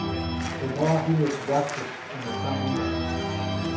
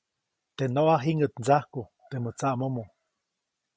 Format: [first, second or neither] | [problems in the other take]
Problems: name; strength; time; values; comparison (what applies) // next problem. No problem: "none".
second | background sound (Organ); 1 dB below the speech // room echo; dies away in 0.6 s